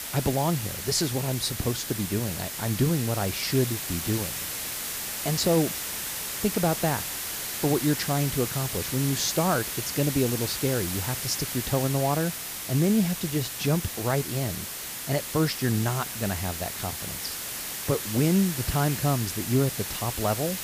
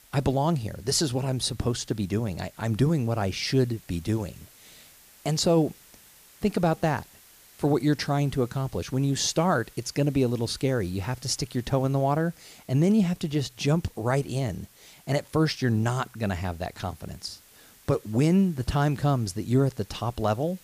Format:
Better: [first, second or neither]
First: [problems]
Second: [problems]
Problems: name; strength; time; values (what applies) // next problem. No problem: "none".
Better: second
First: hiss; loud; throughout; 4 dB below the speech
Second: hiss; faint; throughout; 25 dB below the speech